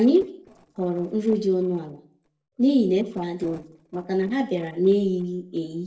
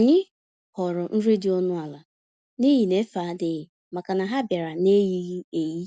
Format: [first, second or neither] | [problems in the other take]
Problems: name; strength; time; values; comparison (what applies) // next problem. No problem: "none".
second | noise reduction (neural separator model SepFormer DNS4)